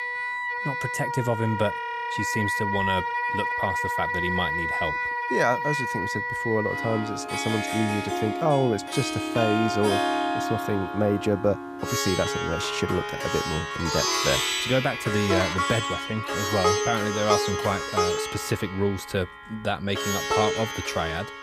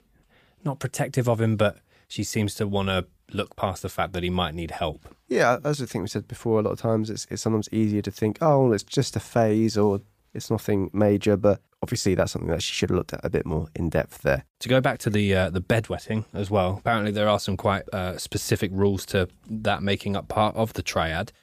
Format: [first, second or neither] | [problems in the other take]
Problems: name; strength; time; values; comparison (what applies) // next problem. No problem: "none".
second | background music; very loud; throughout; 1 dB above the speech